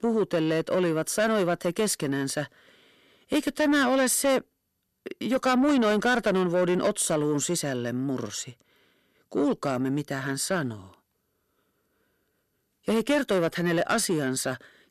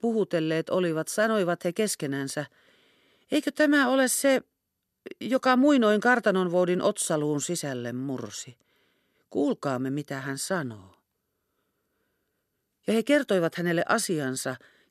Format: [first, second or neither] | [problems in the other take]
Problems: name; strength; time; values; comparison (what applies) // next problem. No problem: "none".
second | distortion; slight; 10 dB below the speech